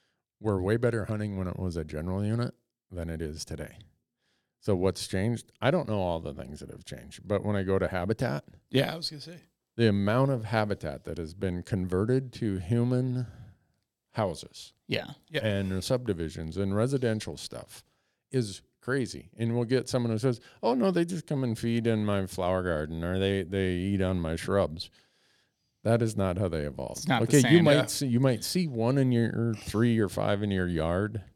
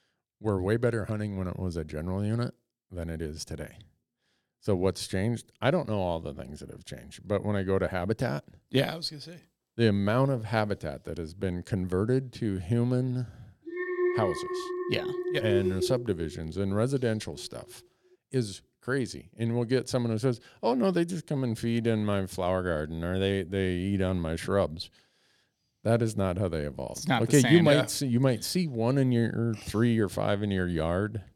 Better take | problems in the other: first | alarm; loud; from 14 to 16 s; peak level with the speech

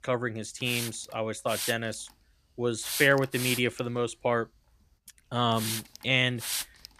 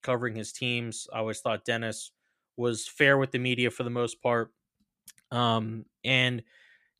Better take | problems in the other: second | hiss; loud; throughout; 6 dB below the speech

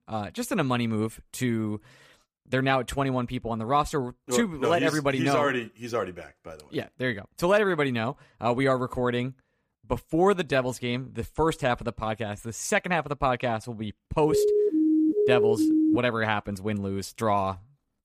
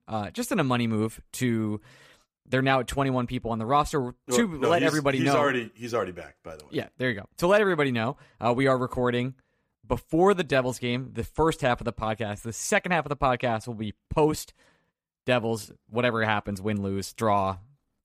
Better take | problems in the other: second | siren; loud; from 14 to 16 s; peak 5 dB above the speech

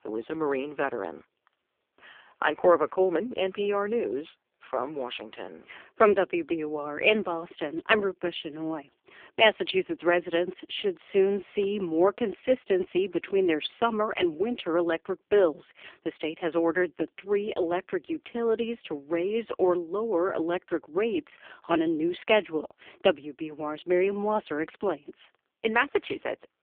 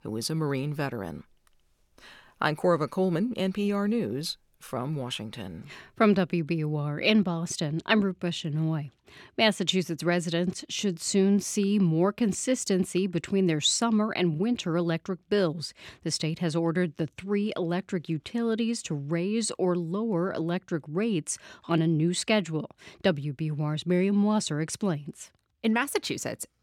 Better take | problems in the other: second | phone-call audio; poor line

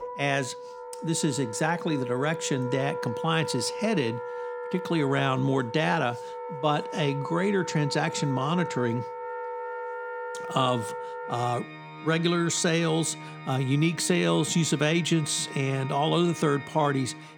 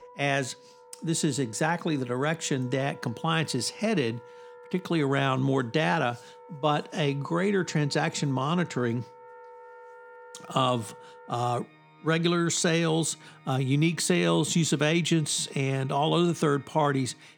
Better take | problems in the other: second | background music; loud; throughout; 10 dB below the speech; faint in the second

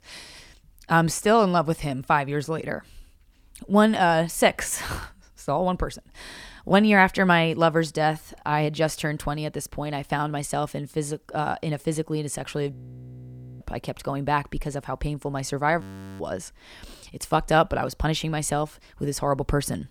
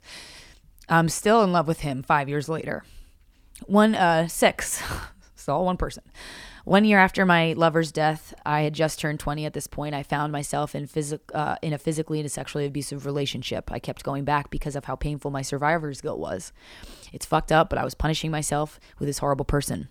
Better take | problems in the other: second | audio freezing; at 13 s for 1 s and at 16 s

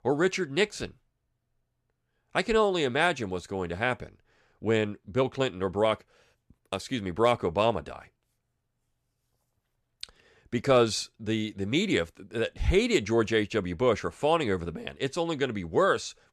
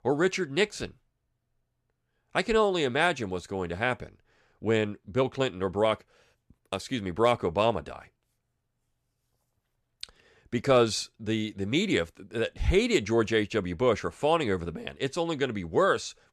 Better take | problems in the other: neither | none

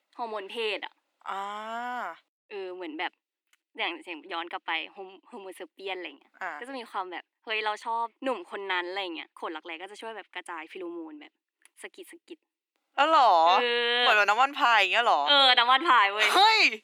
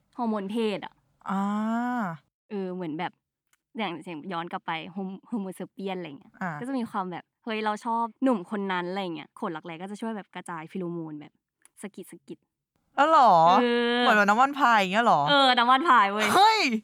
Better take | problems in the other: second | thin; somewhat; fading below 300 Hz

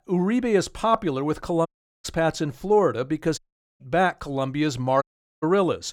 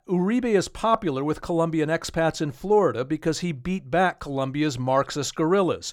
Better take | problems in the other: second | audio cutting out; at 1.5 s, at 3.5 s and at 5 s

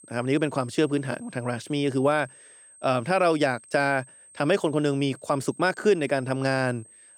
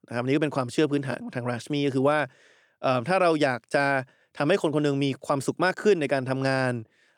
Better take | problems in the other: second | high-pitched whine; faint; throughout; 8.5 kHz, 25 dB below the speech

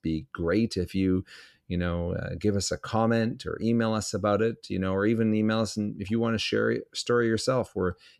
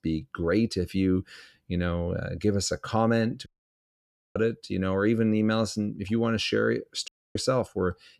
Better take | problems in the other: first | audio cutting out; at 3.5 s for 1 s and at 7 s

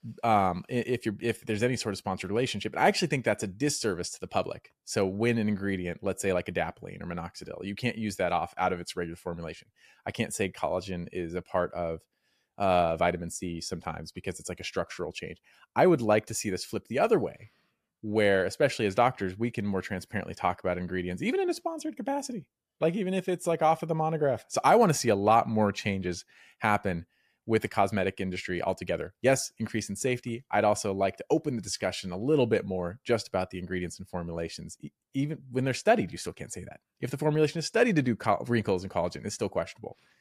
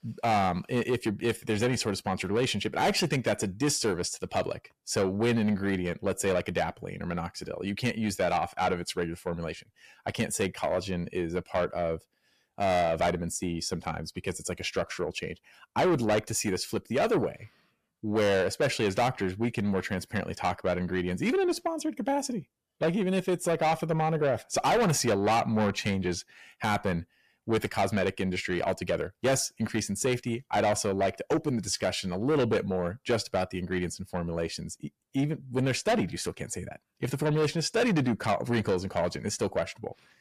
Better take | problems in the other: first | distortion; heavy; 8 dB below the speech

